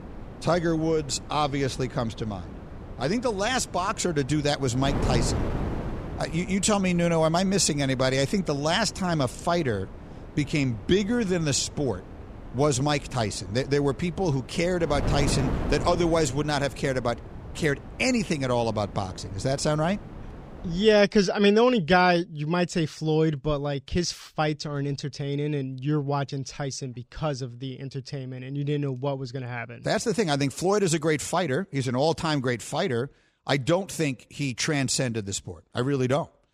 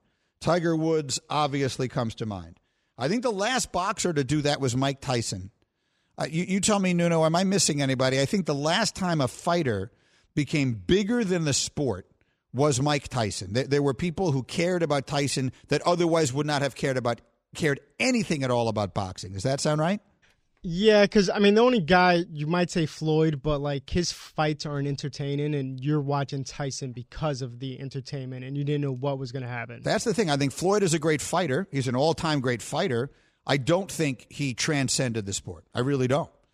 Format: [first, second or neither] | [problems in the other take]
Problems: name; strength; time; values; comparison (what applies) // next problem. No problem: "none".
second | wind noise on the microphone; occasional gusts; until 21 s; 15 dB below the speech